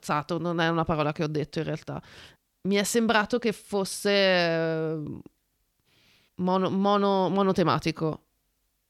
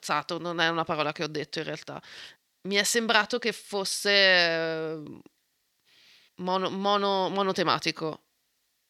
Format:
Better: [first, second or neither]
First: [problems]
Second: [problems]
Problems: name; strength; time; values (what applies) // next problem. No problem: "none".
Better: first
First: none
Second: thin; very slightly; fading below 400 Hz